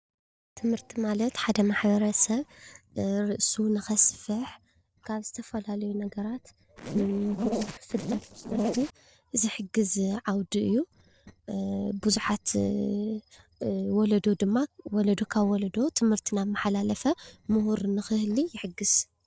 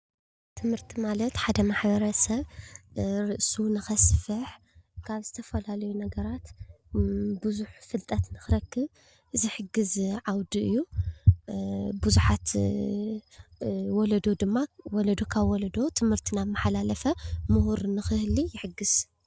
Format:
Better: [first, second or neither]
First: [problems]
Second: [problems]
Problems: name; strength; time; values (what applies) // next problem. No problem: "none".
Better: second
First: noise reduction (neural separator model SepFormer DNS4)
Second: none